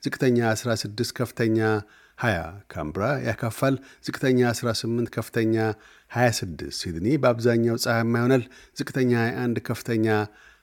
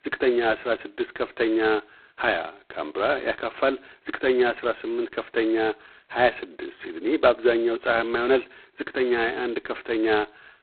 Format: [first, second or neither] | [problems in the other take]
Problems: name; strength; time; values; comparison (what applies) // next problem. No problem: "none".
first | phone-call audio; poor line; nothing above 4 kHz